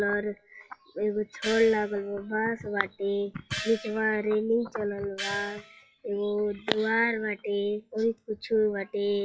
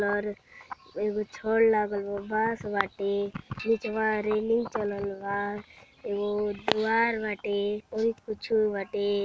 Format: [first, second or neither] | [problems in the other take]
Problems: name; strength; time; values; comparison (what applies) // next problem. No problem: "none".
second | noise reduction (classical method WPE with log-MMSE)